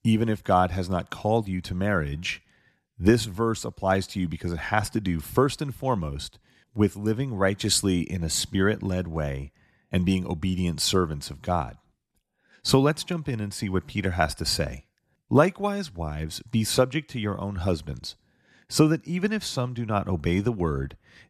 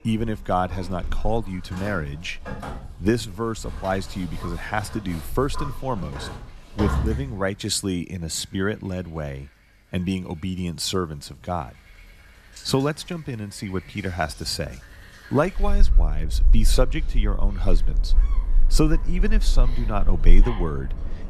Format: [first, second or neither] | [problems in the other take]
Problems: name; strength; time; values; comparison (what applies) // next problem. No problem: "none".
first | animal sounds; loud; throughout; as loud as the speech